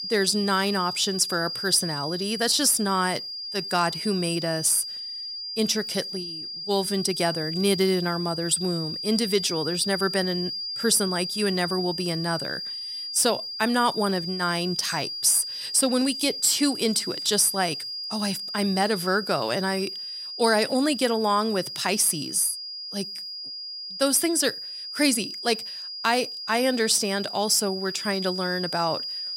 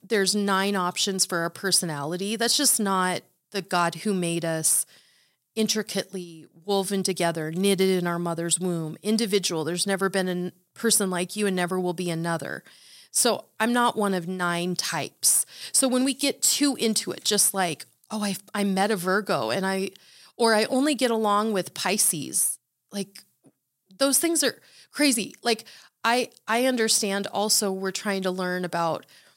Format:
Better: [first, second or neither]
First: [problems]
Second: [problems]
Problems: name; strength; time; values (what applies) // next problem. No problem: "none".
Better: second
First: high-pitched whine; loud; throughout; 5 kHz, 7 dB below the speech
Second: none